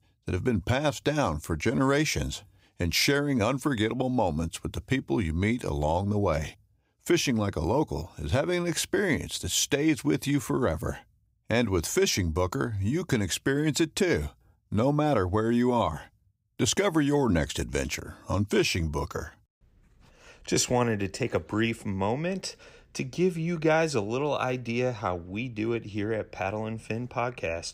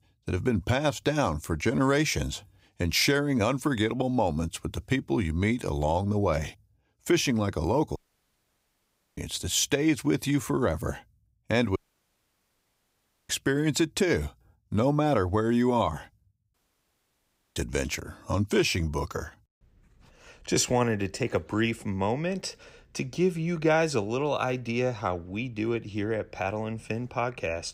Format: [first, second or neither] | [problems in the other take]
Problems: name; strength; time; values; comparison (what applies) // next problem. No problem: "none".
first | audio cutting out; at 8 s for 1 s, at 12 s for 1.5 s and at 17 s for 1 s